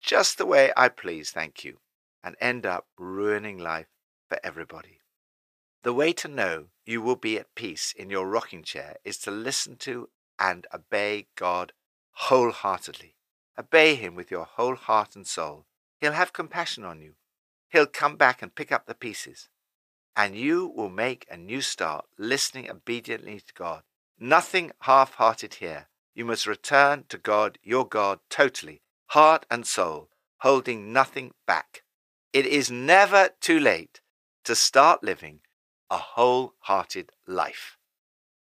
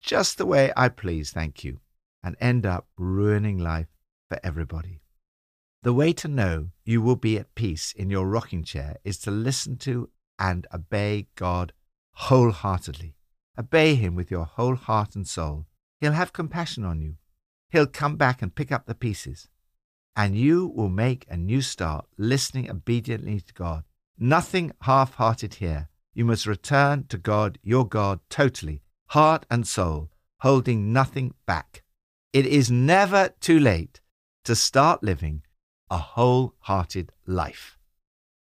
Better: second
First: thin; very; fading below 500 Hz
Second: none

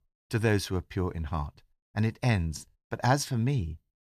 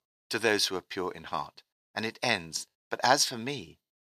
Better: first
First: none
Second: thin; very; fading below 400 Hz

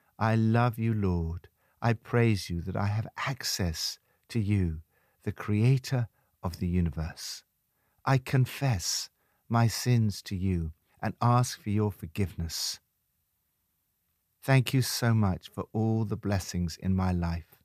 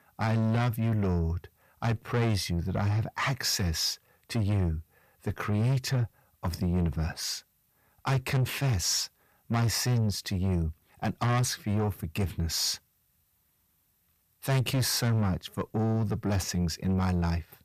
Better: first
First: none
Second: distortion; heavy; 7 dB below the speech

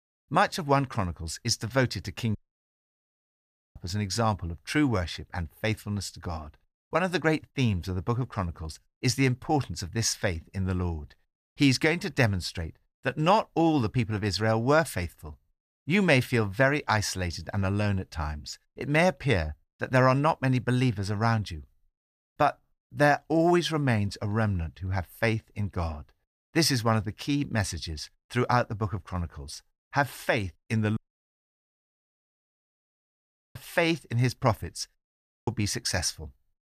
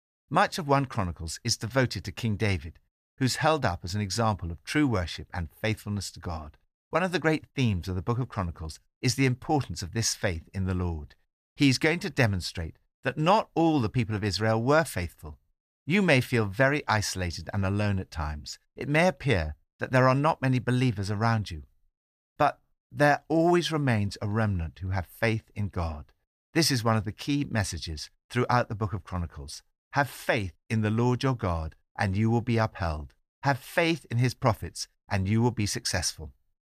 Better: second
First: audio cutting out; at 2.5 s for 1.5 s, at 31 s for 2.5 s and at 35 s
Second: none

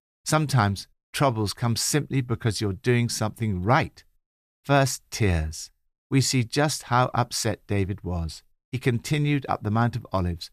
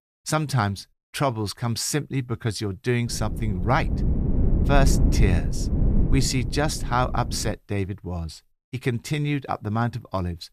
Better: first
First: none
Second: wind noise on the microphone; heavy; from 3 to 7.5 s; 9 dB below the speech

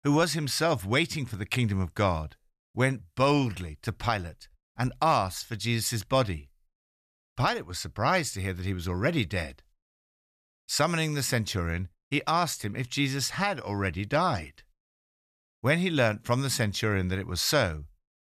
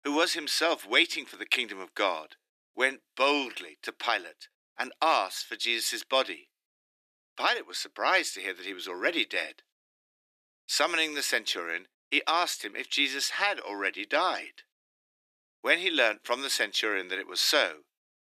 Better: first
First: none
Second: thin; somewhat; fading below 300 Hz

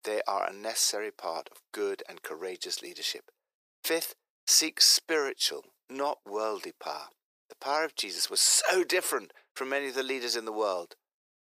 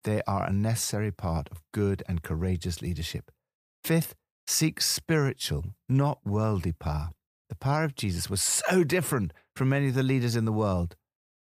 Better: second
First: thin; very; fading below 350 Hz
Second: none

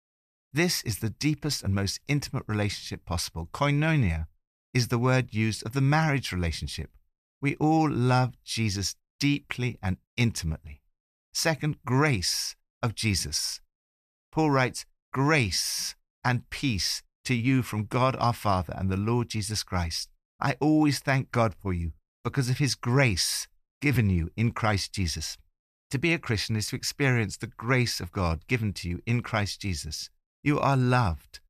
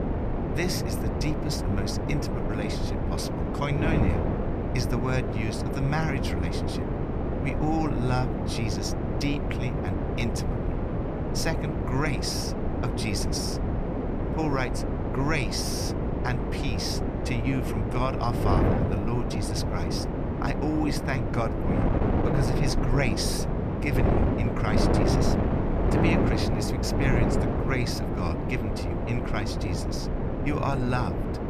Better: first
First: none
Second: wind noise on the microphone; heavy; 1 dB above the speech

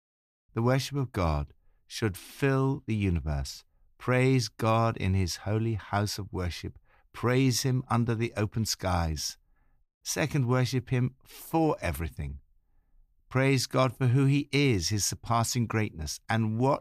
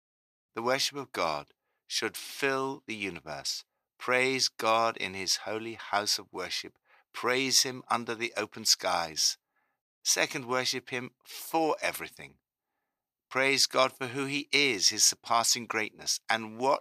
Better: first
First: none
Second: thin; very; fading below 450 Hz

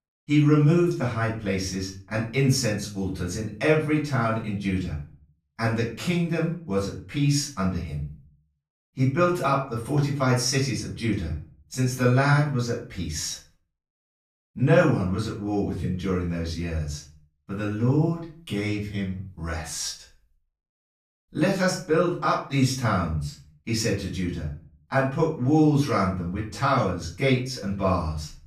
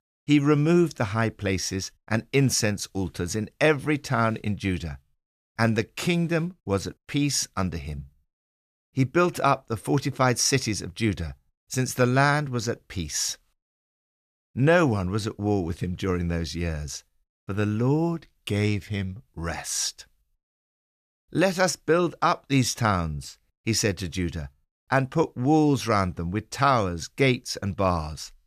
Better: second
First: room echo; slight; dies away in 0.4 s // off-mic speech; far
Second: none

